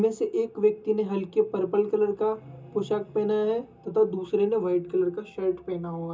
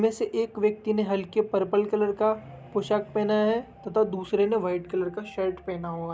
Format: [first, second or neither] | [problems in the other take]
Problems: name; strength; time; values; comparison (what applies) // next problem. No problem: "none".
second | room echo; dies away in 0.2 s